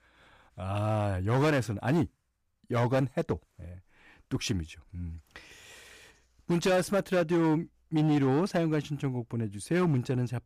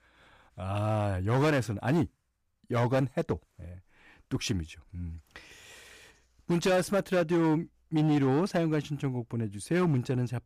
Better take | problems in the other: neither | distortion; slight; 7% of the sound clipped; the same in both

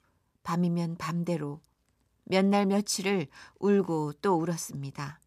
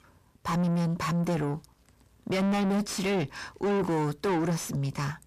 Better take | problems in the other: first | distortion; heavy; 5 dB below the speech

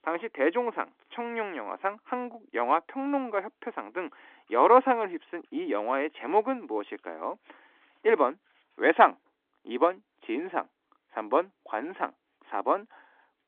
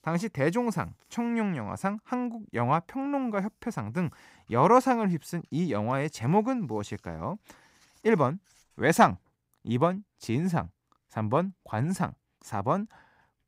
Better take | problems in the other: second | phone-call audio; nothing above 3.5 kHz

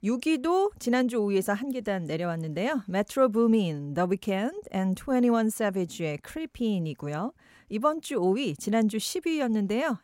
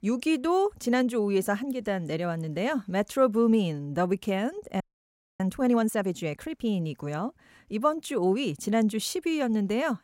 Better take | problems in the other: first | audio freezing; at 5 s for 0.5 s

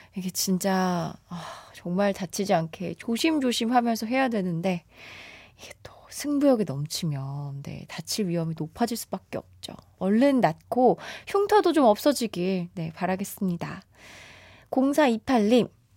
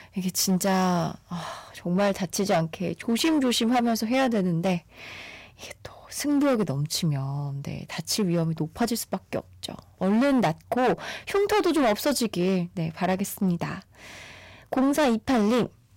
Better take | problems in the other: first | distortion; heavy; 10% of the sound clipped

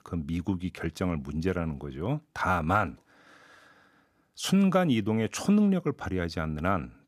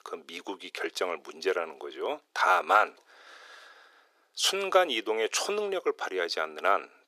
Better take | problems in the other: first | thin; very; fading below 400 Hz

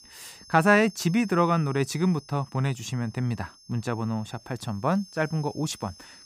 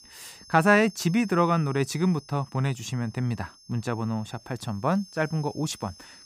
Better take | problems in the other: neither | high-pitched whine; faint; throughout; 5 kHz, 20 dB below the speech; the same in both

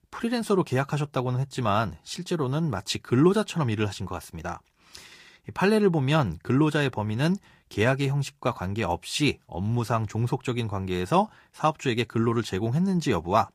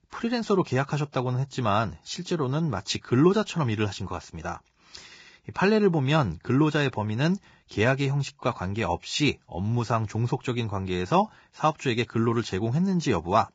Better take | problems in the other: first | garbled, watery; badly; nothing above 7.5 kHz; slightly in the first

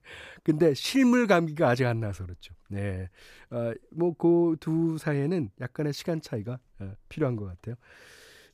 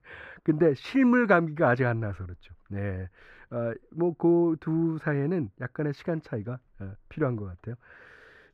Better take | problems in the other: first | muffled; very; fading above 4 kHz

